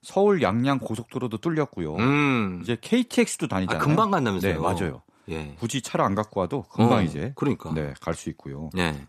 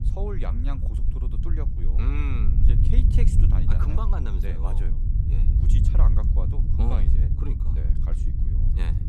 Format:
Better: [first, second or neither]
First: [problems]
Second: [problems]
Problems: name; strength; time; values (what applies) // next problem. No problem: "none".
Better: first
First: none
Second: low rumble; loud; throughout; 1 dB below the speech